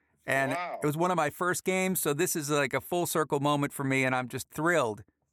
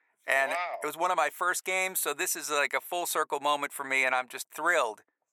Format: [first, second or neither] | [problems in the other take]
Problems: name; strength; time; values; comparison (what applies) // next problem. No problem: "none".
first | thin; very; fading below 700 Hz